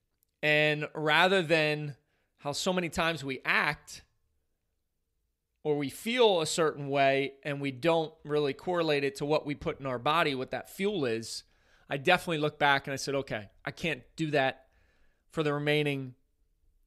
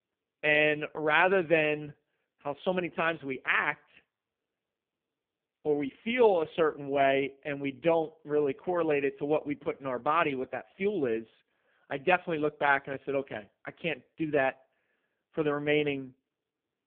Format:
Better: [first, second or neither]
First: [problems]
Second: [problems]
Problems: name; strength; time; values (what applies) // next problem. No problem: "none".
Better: first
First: none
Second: phone-call audio; poor line